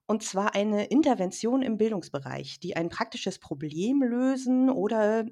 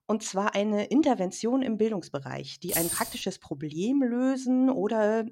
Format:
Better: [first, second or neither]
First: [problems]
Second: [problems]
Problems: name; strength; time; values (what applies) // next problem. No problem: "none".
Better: first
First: none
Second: jangling keys; noticeable; at 2.5 s; peak level with the speech